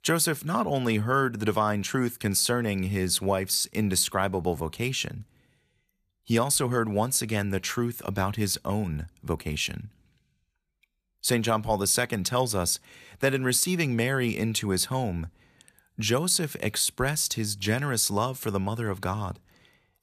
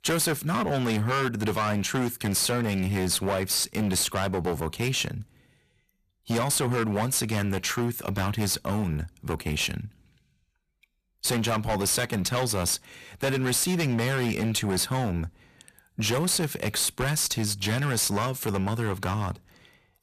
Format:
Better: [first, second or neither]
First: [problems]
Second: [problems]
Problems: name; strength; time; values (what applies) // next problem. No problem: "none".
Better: first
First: none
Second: distortion; heavy; 17% of the sound clipped